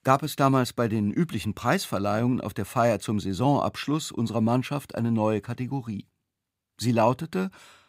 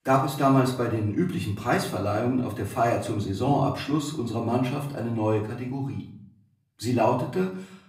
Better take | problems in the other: first | off-mic speech; far // room echo; slight; dies away in 0.5 s

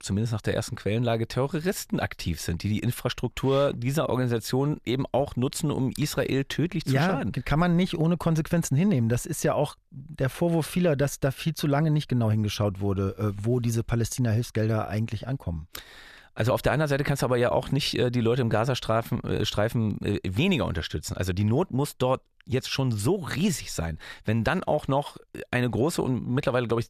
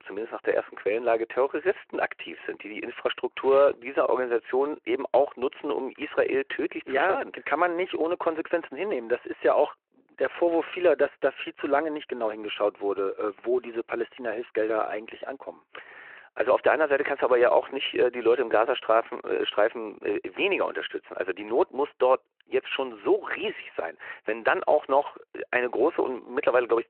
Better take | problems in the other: first | phone-call audio

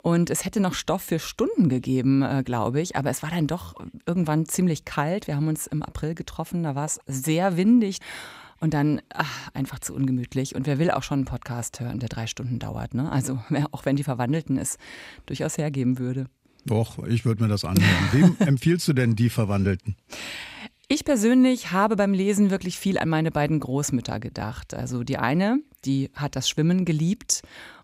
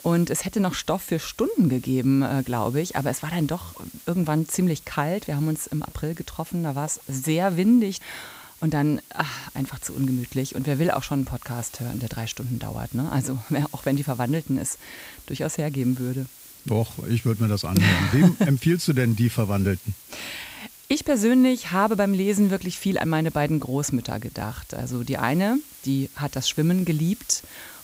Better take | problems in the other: first | hiss; noticeable; throughout; 20 dB below the speech

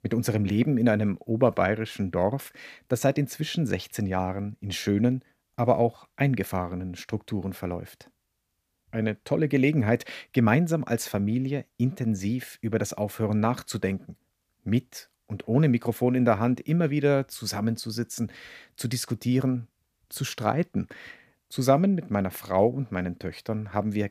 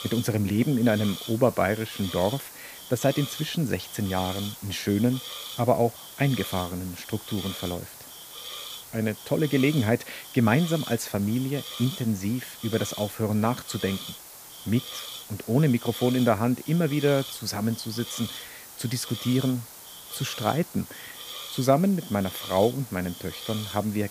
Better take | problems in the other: first | hiss; noticeable; throughout; 10 dB below the speech

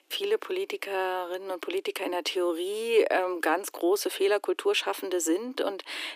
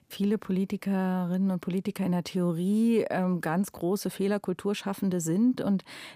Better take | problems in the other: second | thin; very; fading below 300 Hz

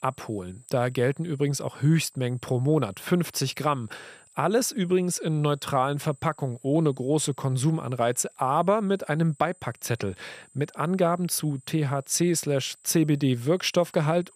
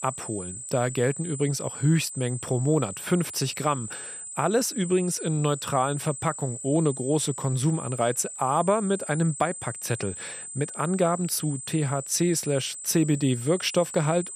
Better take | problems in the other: first | high-pitched whine; loud; throughout; 8 kHz, 9 dB below the speech; faint in the first

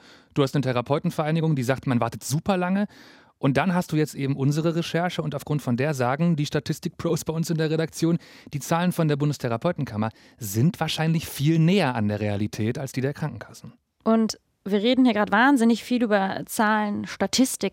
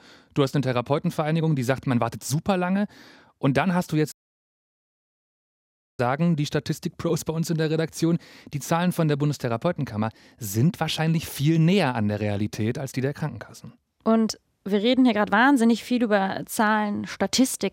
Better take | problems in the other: first | audio cutting out; at 4 s for 2 s

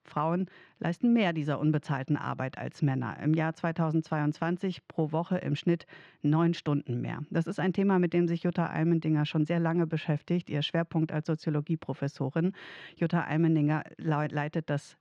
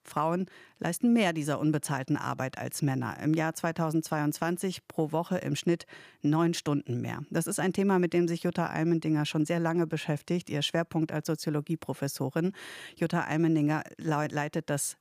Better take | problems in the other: second | muffled; slightly; fading above 4 kHz

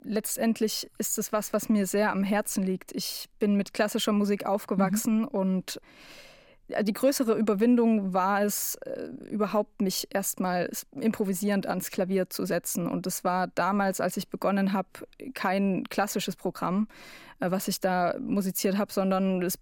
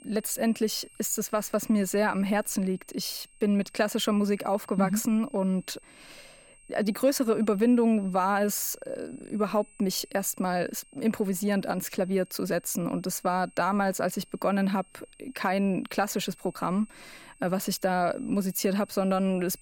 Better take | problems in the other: first | high-pitched whine; faint; throughout; 8.5 kHz, 25 dB below the speech

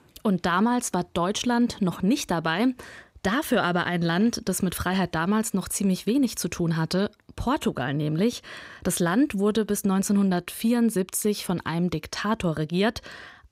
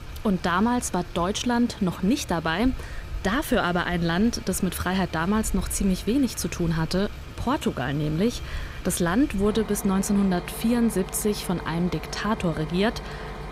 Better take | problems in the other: first | traffic noise; noticeable; throughout; 15 dB below the speech

